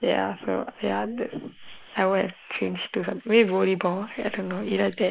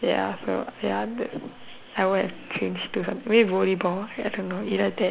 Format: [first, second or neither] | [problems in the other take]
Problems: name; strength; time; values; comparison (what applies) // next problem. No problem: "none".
second | noise reduction (neural mask model Resemble Enhance denoiser)